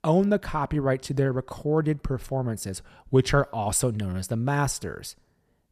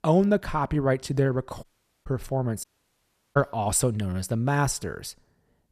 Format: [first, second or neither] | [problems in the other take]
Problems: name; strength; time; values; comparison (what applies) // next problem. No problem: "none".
first | audio cutting out; at 1.5 s and at 2.5 s for 0.5 s